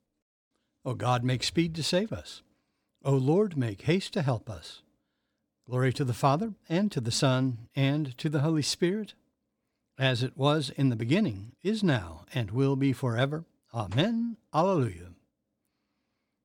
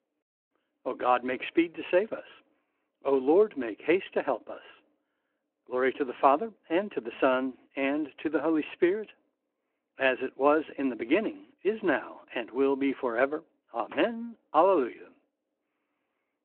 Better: first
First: none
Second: phone-call audio

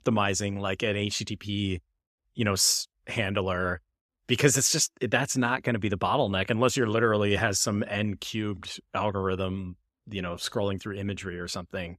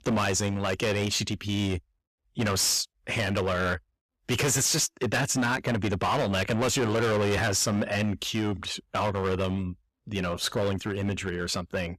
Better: first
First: none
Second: distortion; heavy; 17% of the sound clipped

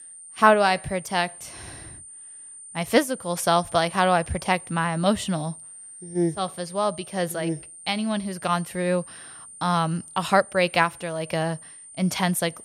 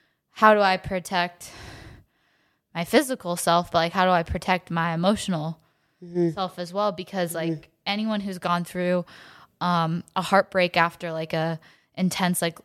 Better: second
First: high-pitched whine; noticeable; throughout; 9 kHz, 15 dB below the speech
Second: none

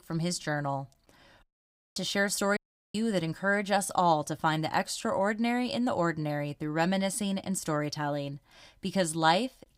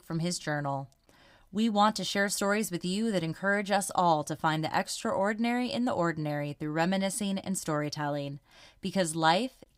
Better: second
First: audio cutting out; at 1.5 s for 0.5 s and at 2.5 s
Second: none

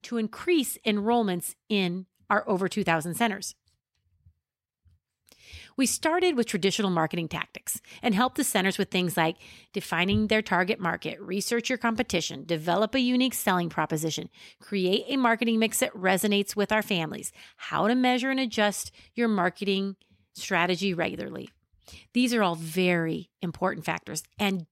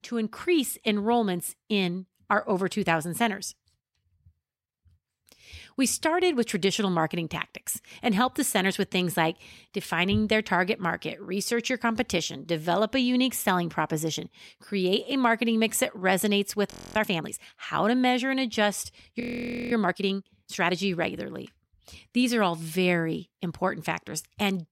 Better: first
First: none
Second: audio freezing; at 17 s and at 19 s for 0.5 s

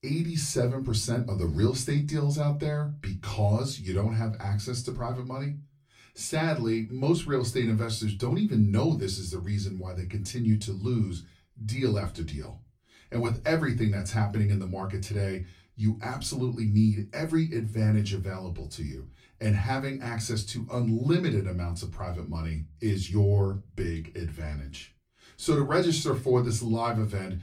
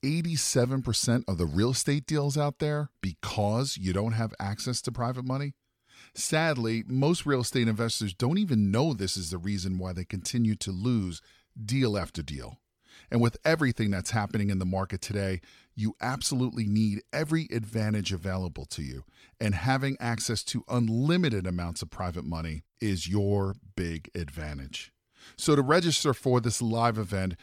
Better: second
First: off-mic speech; far // room echo; very slight; dies away in 0.2 s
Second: none

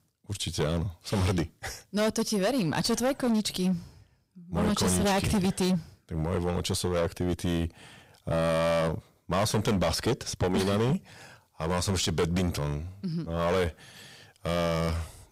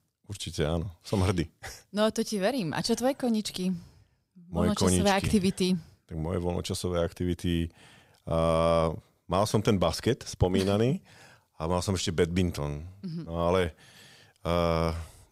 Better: second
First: distortion; heavy; 13% of the sound clipped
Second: none

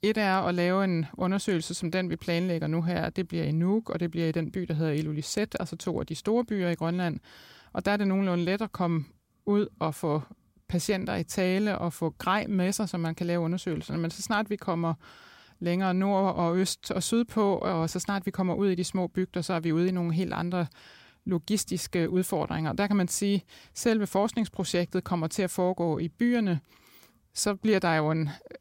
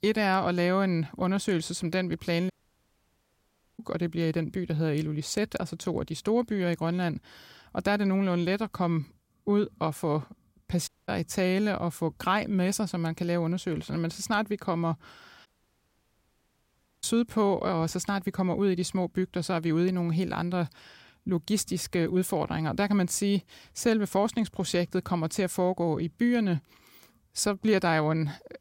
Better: first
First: none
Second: audio cutting out; at 2.5 s for 1.5 s, at 11 s and at 15 s for 1.5 s

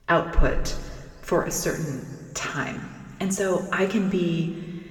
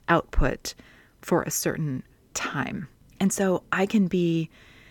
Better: second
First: room echo; slight; dies away in 1.8 s // off-mic speech; somewhat distant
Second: none

